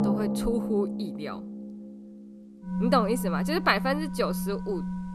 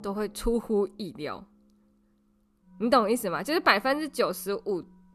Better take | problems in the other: second | background music; loud; throughout; 3 dB below the speech; faint in the second

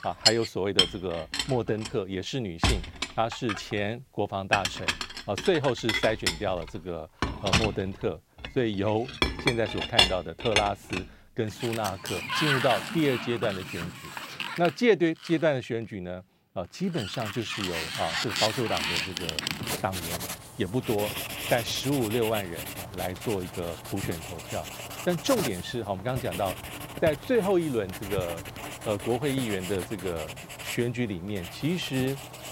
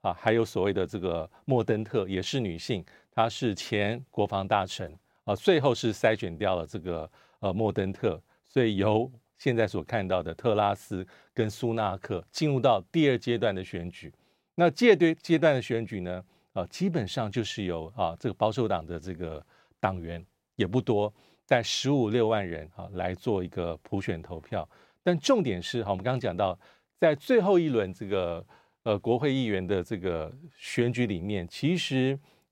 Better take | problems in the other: second | household noises; loud; throughout; 1 dB below the speech

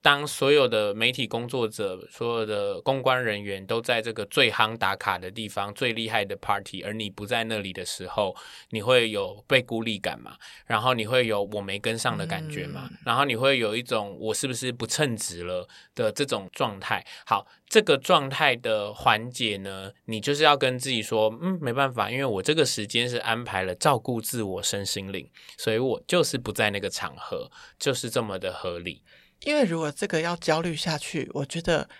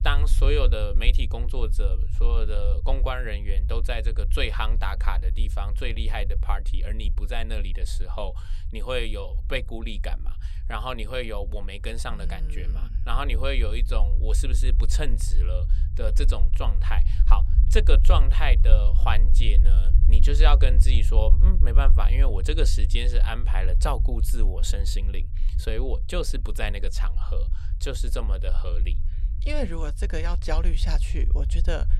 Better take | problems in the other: first | low rumble; noticeable; throughout; 15 dB below the speech

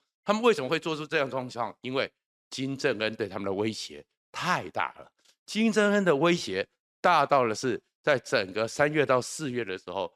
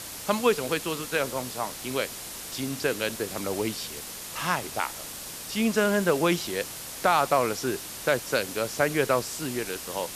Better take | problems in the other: first | hiss; loud; throughout; 8 dB below the speech

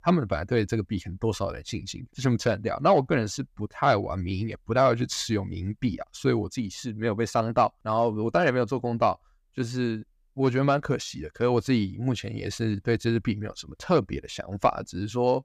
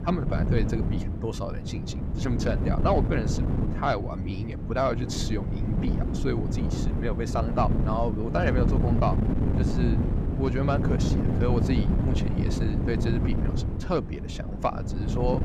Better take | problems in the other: first | wind noise on the microphone; heavy; 5 dB below the speech

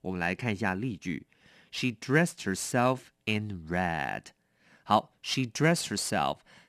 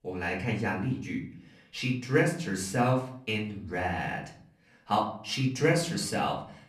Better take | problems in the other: first | off-mic speech; far // room echo; slight; dies away in 0.5 s

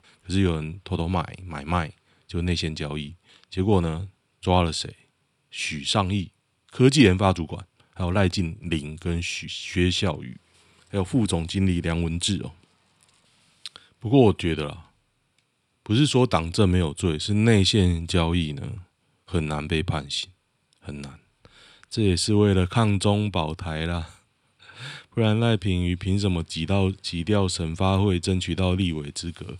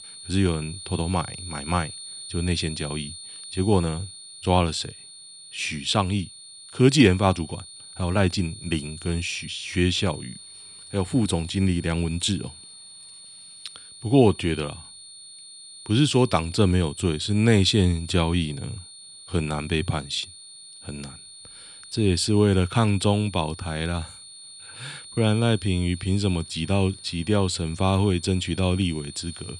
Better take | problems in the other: first | high-pitched whine; noticeable; throughout; 9 kHz, 15 dB below the speech

